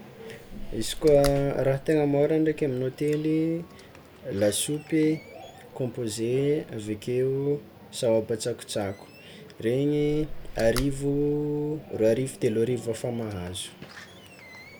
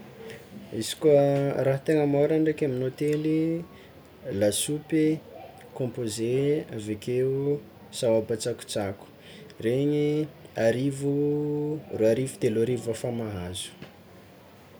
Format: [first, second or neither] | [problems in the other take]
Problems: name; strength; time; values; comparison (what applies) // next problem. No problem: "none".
second | background sound (Slam); 15 dB below the speech